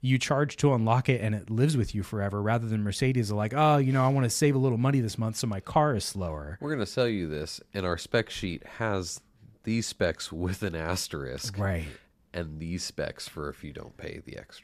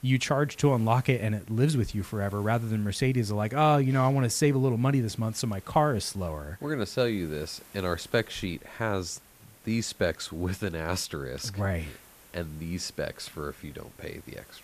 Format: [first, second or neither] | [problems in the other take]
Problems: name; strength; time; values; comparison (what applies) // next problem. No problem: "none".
first | hiss; faint; throughout; 25 dB below the speech